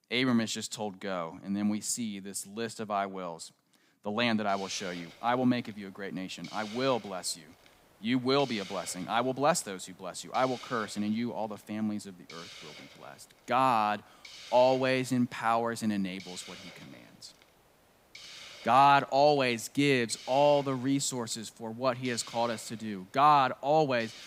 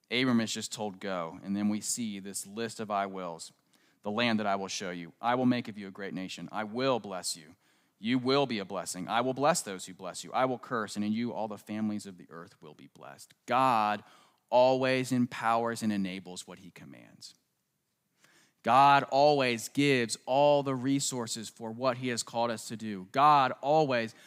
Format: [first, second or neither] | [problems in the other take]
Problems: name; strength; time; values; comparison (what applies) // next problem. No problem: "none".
second | hiss; noticeable; from 4.5 s on; 20 dB below the speech